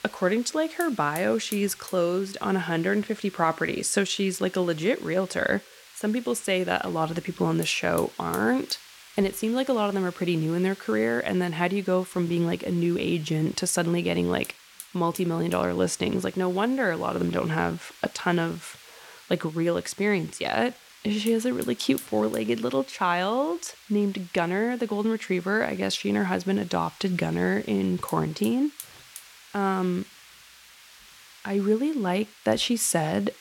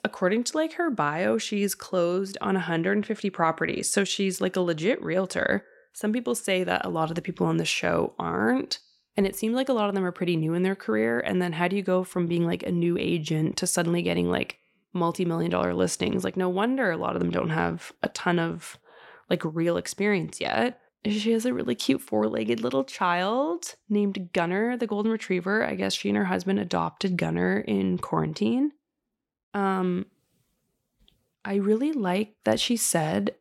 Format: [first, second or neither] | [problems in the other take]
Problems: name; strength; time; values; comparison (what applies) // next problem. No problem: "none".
second | hiss; noticeable; throughout; 20 dB below the speech